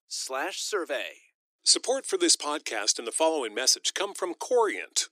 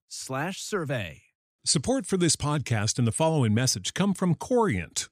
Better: second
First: thin; very; fading below 300 Hz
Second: none

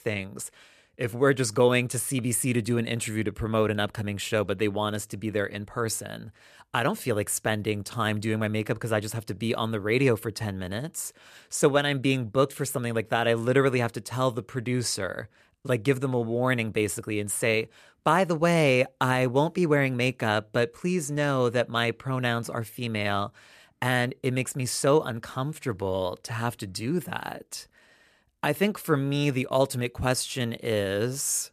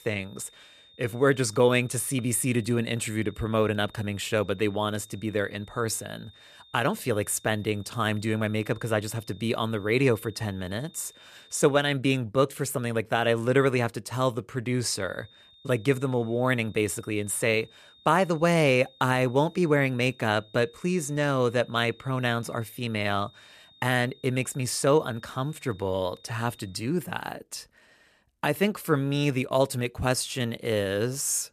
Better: first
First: none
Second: high-pitched whine; faint; until 12 s and from 15 to 27 s; 3.5 kHz, 25 dB below the speech

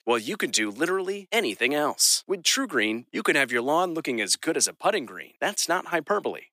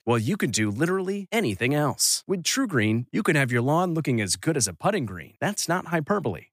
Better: second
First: thin; somewhat; fading below 300 Hz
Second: none

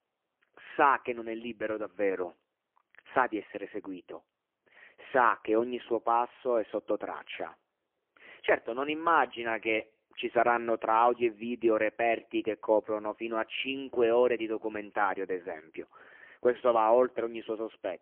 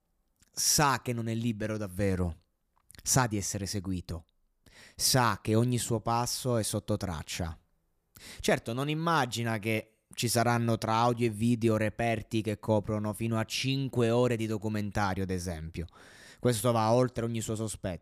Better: second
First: phone-call audio; poor line; nothing above 3 kHz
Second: none

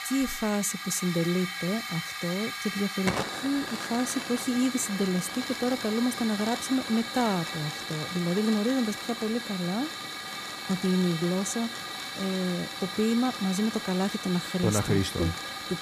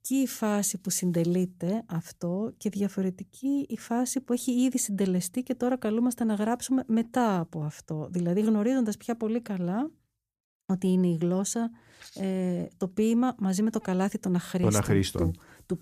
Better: second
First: hiss; loud; throughout; 5 dB below the speech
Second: none

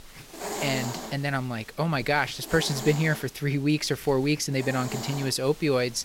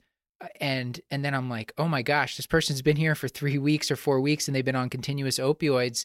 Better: second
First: hiss; noticeable; throughout; 10 dB below the speech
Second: none

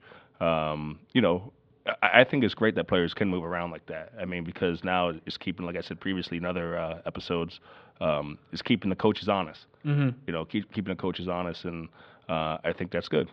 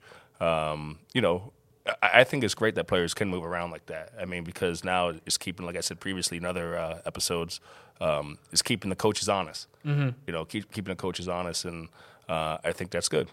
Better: second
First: muffled; slightly; fading above 3.5 kHz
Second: none

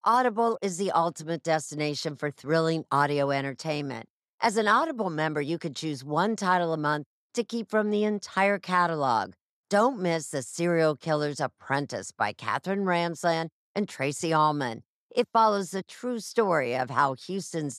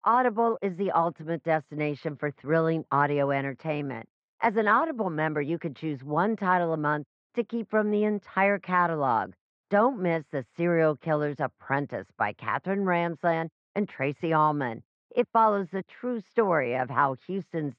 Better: first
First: none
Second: muffled; very; fading above 2.5 kHz

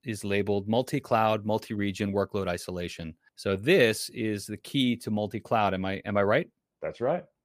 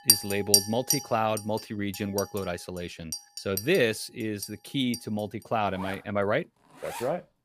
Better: first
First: none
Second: household noises; very loud; throughout; 1 dB above the speech

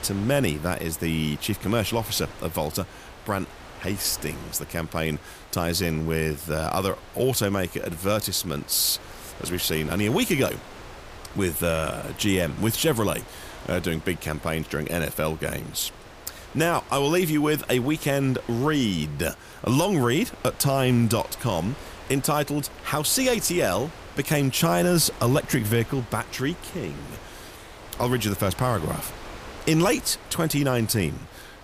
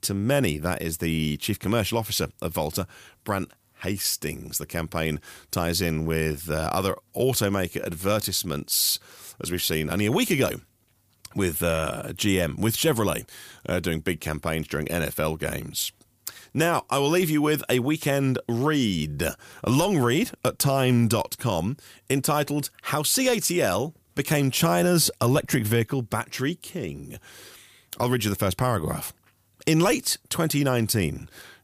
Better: second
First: wind noise on the microphone; occasional gusts; 15 dB below the speech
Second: none

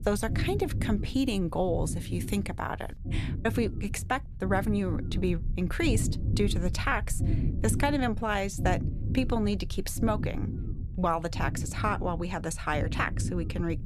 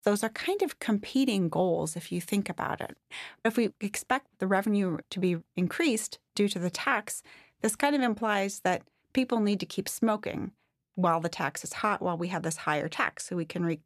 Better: second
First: low rumble; noticeable; throughout; 15 dB below the speech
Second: none

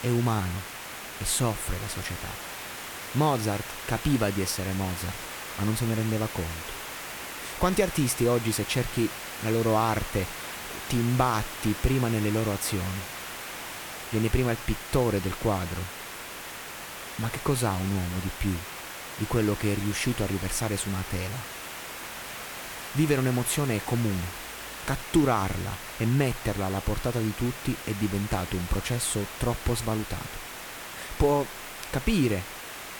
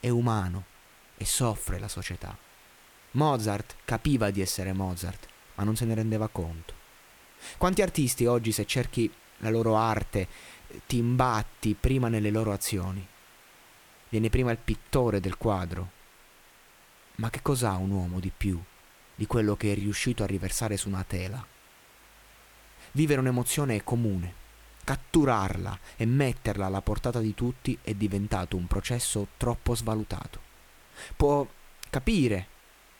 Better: second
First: hiss; loud; throughout; 8 dB below the speech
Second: hiss; faint; throughout; 25 dB below the speech

